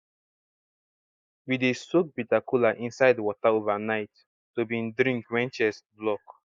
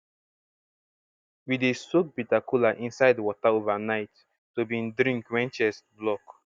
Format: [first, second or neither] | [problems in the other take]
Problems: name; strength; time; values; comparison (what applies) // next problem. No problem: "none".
second | noise reduction (neural mask model Resemble Enhance denoiser)